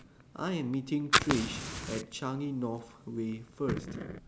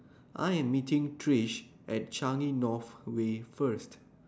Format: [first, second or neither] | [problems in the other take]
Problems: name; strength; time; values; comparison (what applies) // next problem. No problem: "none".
second | background sound (Fire); 1 dB below the speech